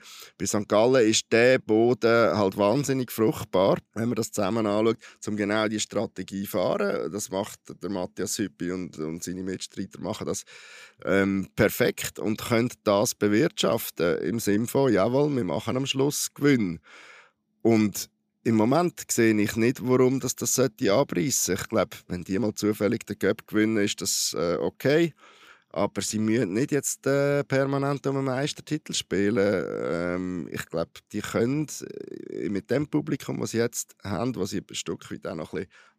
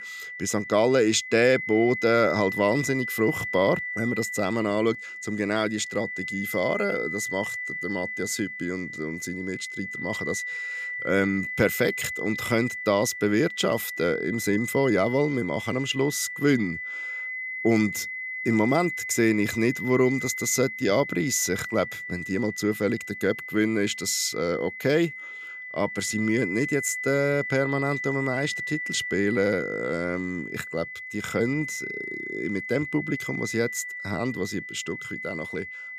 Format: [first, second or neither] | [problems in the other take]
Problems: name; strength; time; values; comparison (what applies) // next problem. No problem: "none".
first | high-pitched whine; loud; throughout; 2 kHz, 6 dB below the speech